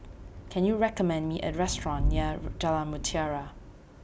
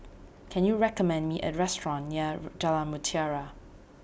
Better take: second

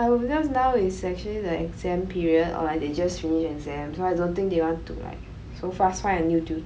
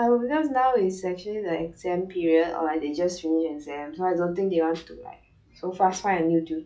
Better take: first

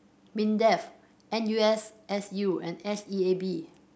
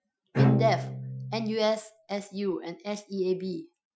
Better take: first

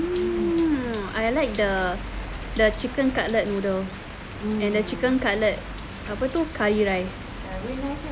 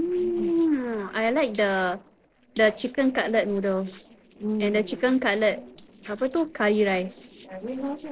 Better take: first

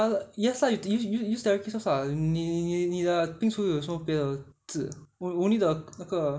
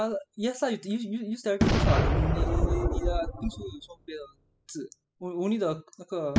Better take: first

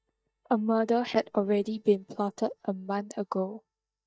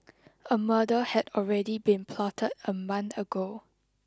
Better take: second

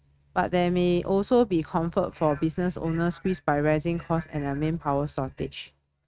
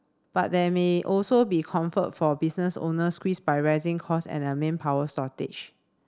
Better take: second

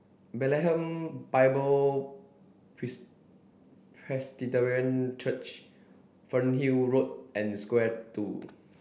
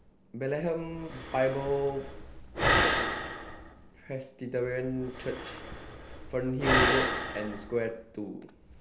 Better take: first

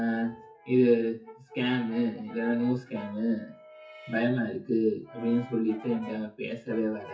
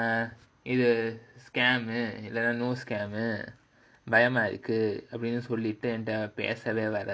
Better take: second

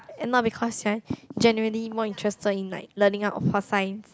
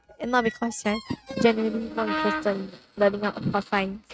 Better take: first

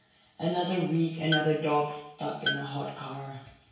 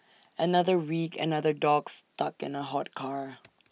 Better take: second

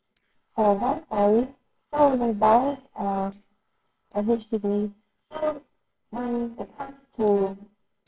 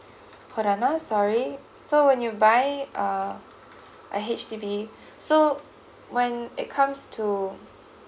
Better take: second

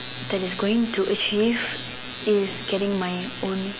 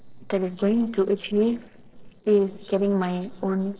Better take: first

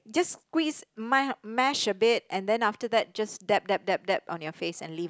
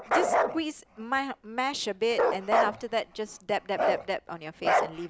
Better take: first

